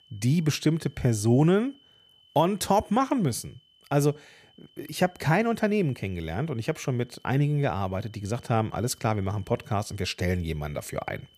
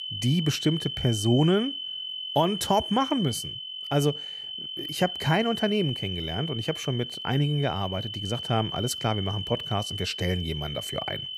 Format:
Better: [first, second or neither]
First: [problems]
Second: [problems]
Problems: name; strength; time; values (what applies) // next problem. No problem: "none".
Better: first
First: high-pitched whine; faint; throughout; 3 kHz, 30 dB below the speech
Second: high-pitched whine; loud; throughout; 3 kHz, 5 dB below the speech